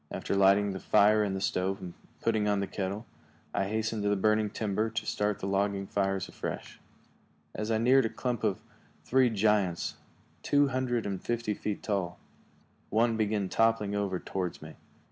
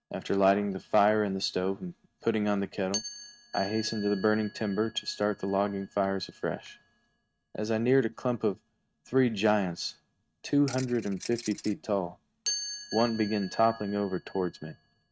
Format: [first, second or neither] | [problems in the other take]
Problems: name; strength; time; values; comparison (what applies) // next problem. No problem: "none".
first | noise reduction (neural mask model RNNoise)